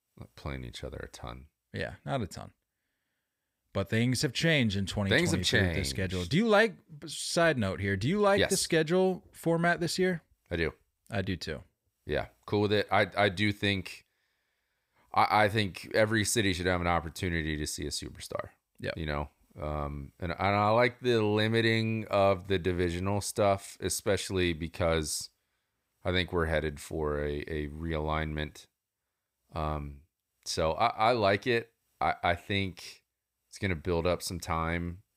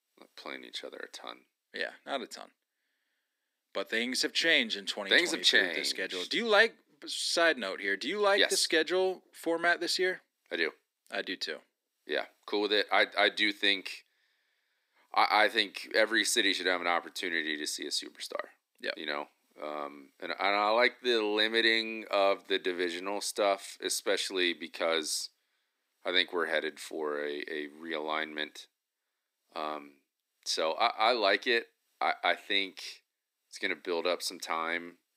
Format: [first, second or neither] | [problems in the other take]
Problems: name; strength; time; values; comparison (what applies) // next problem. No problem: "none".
first | thin; somewhat; fading below 250 Hz